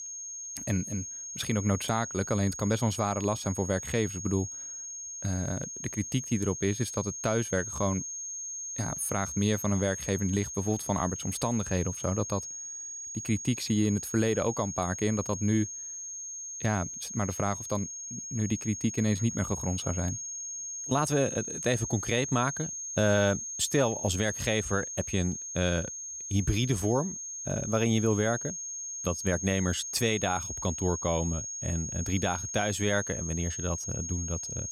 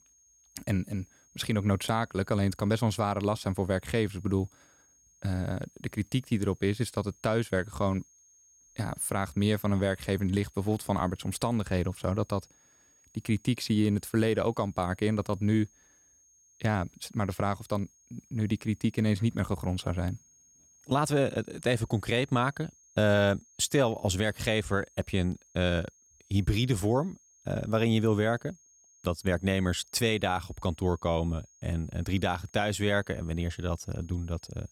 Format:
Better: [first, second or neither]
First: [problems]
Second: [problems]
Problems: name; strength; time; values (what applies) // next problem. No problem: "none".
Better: second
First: high-pitched whine; loud; throughout; 6.5 kHz, 5 dB below the speech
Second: high-pitched whine; faint; throughout; 6.5 kHz, 30 dB below the speech